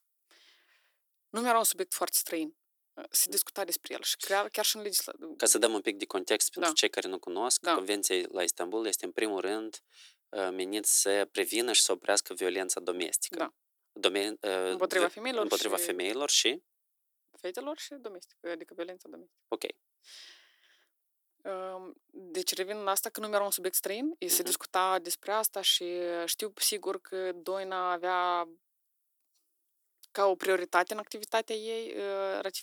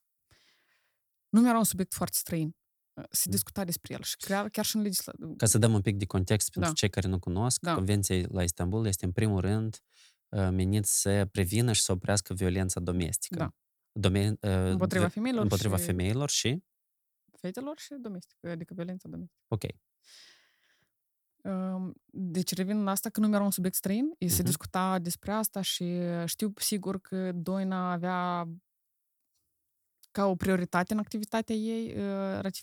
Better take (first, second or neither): second